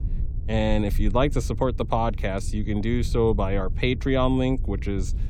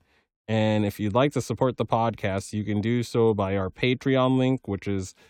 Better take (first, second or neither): second